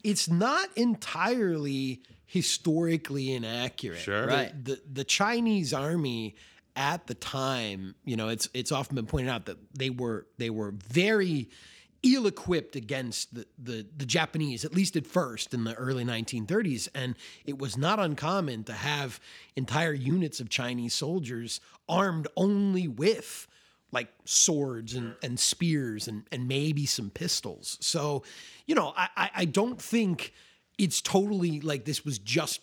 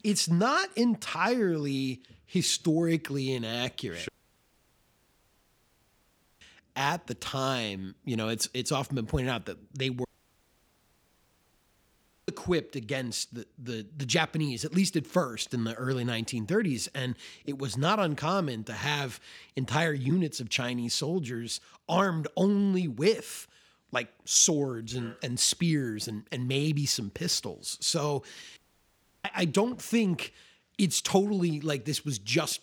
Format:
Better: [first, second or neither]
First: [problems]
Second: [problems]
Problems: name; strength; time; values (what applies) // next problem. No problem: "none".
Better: first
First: none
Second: audio cutting out; at 4 s for 2.5 s, at 10 s for 2 s and at 29 s for 0.5 s